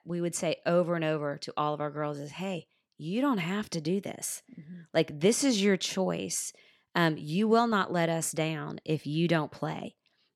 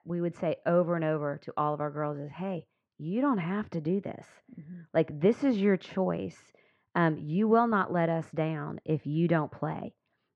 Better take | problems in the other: first | muffled; very; fading above 1.5 kHz

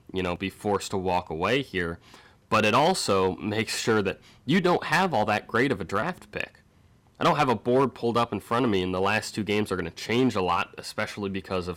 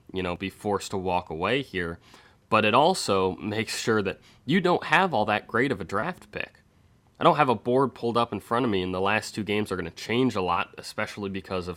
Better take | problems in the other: second | distortion; slight; 3% of the sound clipped

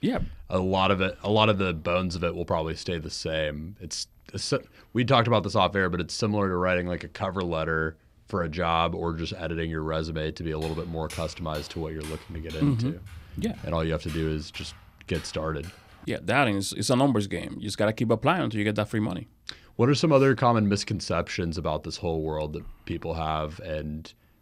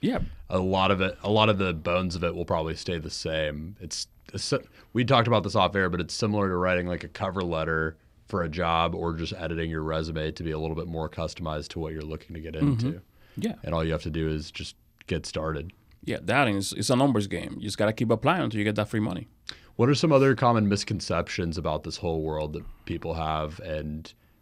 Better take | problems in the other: second | footsteps; faint; from 11 to 16 s; peak 15 dB below the speech

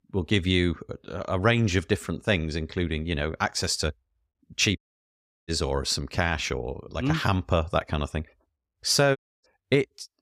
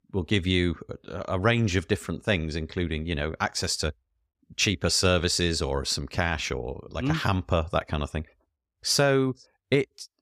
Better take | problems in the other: second | audio cutting out; at 5 s for 0.5 s and at 9 s

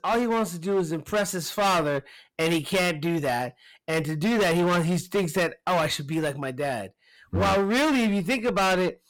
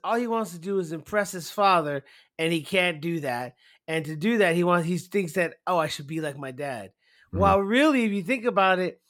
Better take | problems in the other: second | distortion; heavy; 17% of the sound clipped

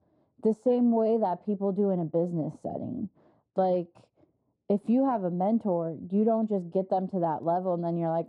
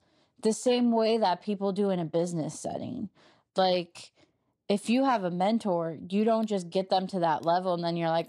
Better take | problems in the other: second | muffled; very; fading above 1.5 kHz

